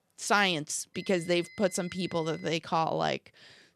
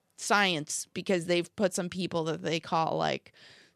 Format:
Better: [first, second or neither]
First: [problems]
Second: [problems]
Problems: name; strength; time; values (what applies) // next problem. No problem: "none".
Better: second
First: high-pitched whine; faint; from 1 to 2.5 s; 2 kHz, 20 dB below the speech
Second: none